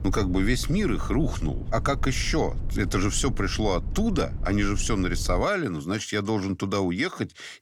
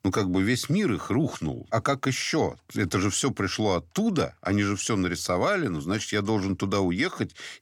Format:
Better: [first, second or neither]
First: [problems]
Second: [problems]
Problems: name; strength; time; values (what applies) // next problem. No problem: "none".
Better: second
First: low rumble; noticeable; until 5.5 s; 20 dB below the speech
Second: none